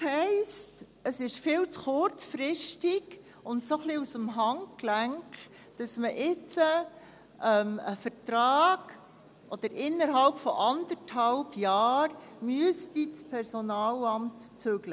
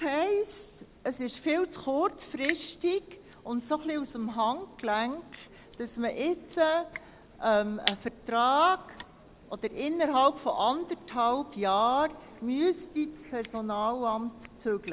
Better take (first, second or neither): first